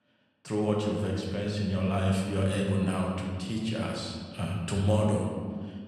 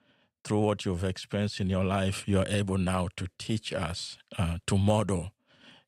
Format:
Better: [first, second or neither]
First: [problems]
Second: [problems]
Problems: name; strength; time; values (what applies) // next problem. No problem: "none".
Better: second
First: room echo; noticeable; dies away in 1.6 s // off-mic speech; somewhat distant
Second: none